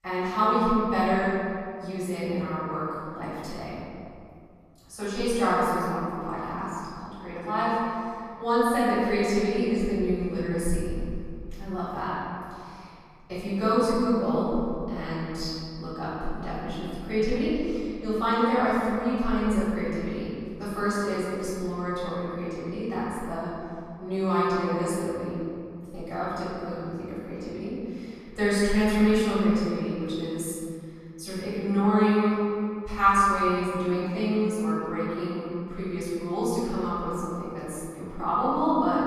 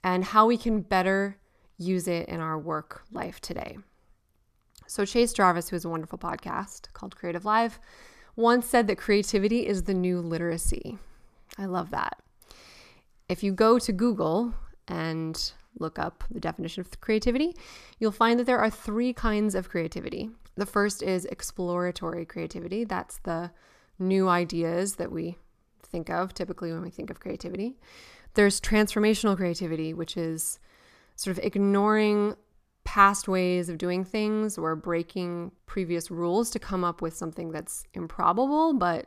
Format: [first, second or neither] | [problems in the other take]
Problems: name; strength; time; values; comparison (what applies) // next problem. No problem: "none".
second | off-mic speech; far // room echo; strong; dies away in 2.4 s